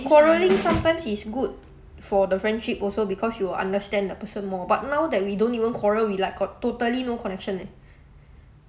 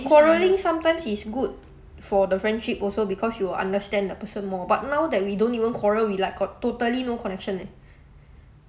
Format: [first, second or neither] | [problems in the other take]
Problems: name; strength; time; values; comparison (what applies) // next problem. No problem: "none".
second | background sound (Snare drum); 7 dB below the speech